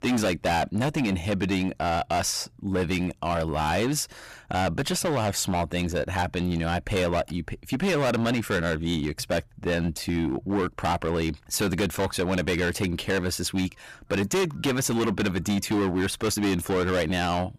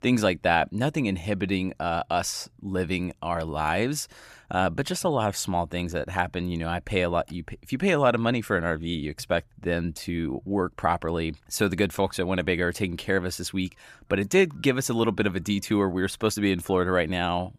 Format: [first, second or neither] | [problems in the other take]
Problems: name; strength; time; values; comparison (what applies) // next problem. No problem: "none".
second | distortion; heavy; 17% of the sound clipped